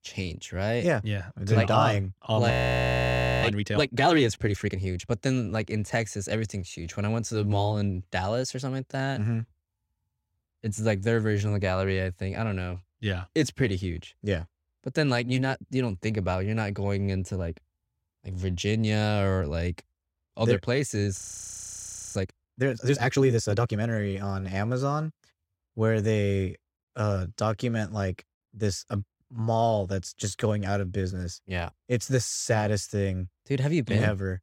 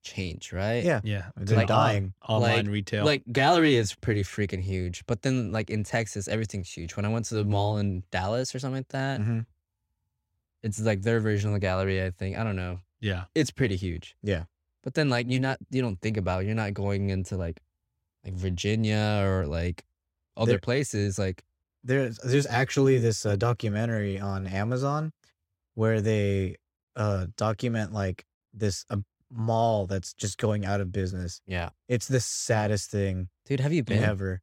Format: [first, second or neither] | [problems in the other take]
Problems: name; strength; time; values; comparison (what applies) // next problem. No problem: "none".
second | audio freezing; at 2.5 s for 1 s and at 21 s for 1 s